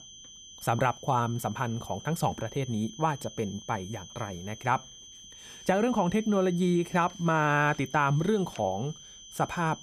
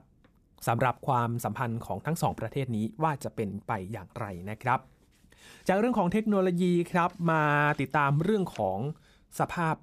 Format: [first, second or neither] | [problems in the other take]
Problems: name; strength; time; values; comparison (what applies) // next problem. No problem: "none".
second | high-pitched whine; noticeable; throughout; 6 kHz, 15 dB below the speech